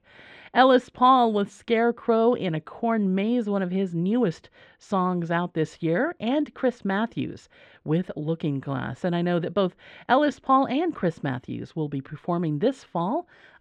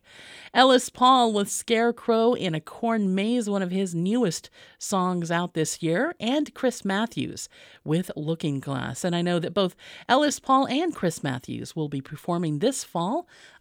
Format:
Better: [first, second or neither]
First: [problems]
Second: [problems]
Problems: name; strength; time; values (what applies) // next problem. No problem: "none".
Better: second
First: muffled; very; fading above 2.5 kHz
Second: none